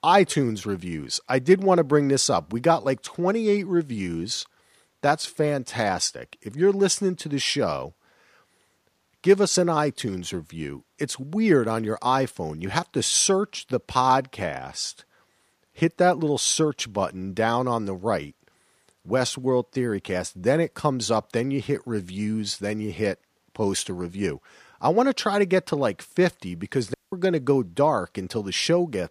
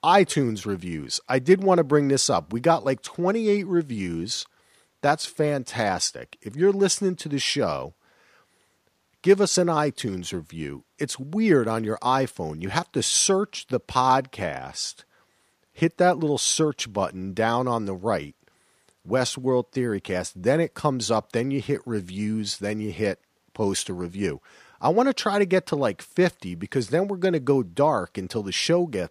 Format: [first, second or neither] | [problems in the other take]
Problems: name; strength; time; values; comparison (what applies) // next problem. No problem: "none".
second | audio cutting out; at 27 s